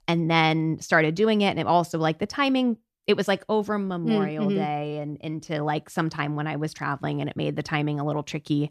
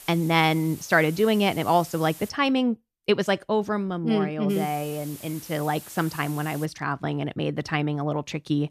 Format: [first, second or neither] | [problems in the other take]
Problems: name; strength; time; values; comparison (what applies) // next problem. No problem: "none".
first | hiss; noticeable; until 2.5 s and from 4.5 to 6.5 s; 15 dB below the speech